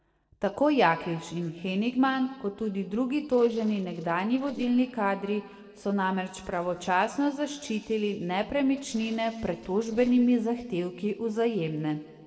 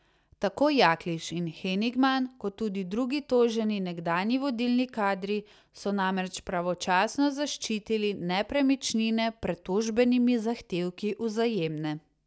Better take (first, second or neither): second